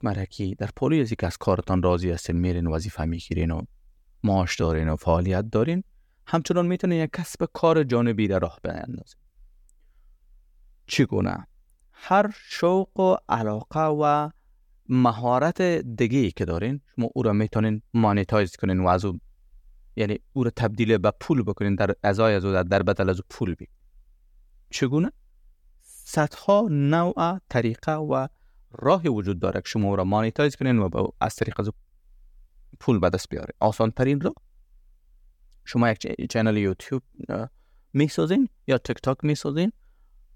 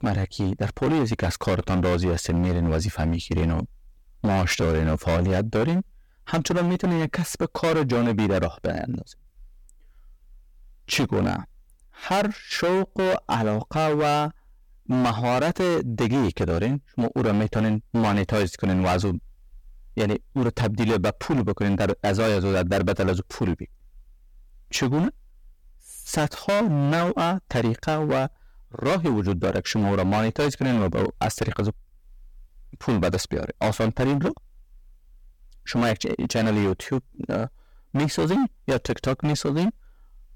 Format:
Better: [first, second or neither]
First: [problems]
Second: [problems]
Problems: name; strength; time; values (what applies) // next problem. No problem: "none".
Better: first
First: none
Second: distortion; heavy; 19% of the sound clipped